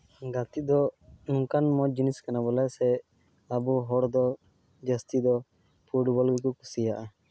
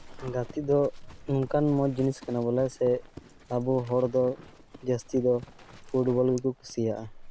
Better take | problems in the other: first | background sound (Livestock, farm animals, working animals); 18 dB below the speech

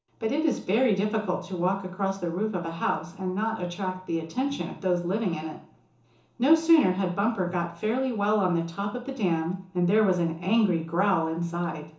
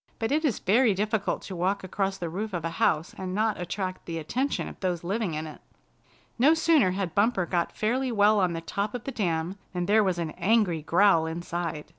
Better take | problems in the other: second | room echo; dies away in 0.7 s

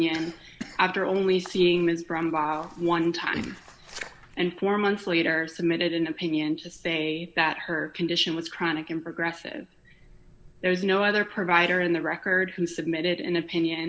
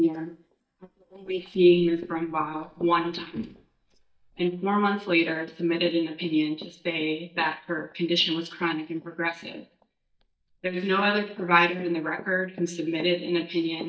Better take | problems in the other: first | noise reduction (neural mask model DeepFilterNet 3)

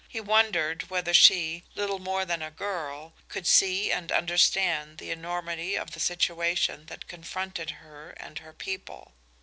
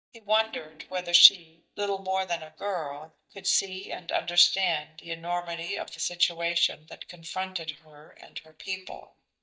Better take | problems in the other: first | noise reduction (neural mask model DeepFilterNet 3)

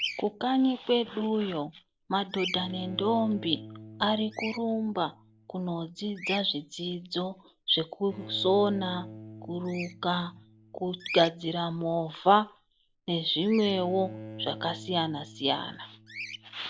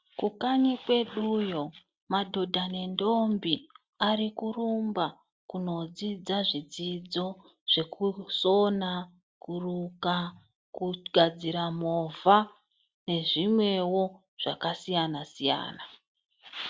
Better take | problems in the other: second | background sound (Bird vocalization, bird call, bird song + Bowed string instrument); 14 dB below the speech

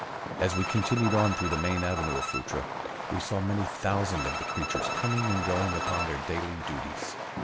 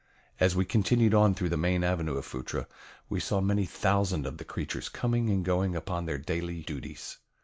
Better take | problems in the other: second | background sound (Fireworks + Bowed string instrument); 2 dB below the speech

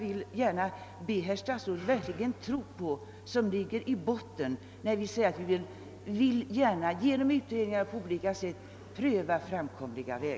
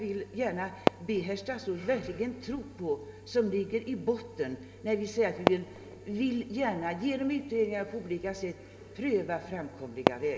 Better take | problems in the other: first | background sound (Fireworks); 6 dB below the speech // room echo; dies away in 2.2 s

